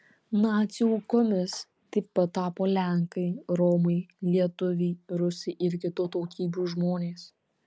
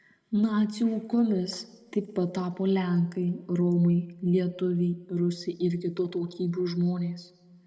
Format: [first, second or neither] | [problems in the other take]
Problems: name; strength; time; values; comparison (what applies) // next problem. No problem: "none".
first | room echo; dies away in 1.1 s